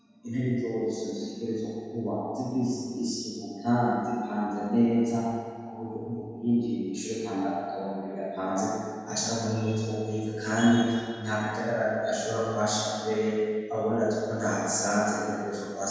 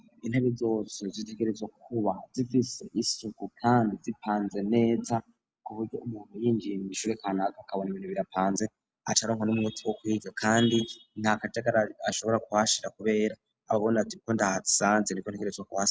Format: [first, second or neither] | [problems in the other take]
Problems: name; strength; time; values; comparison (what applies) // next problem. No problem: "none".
second | room echo; dies away in 1.9 s